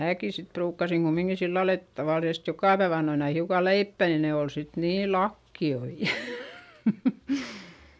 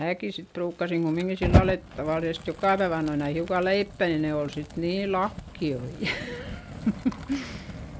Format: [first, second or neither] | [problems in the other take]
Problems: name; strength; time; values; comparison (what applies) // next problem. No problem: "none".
first | background sound (Fire); 5 dB below the speech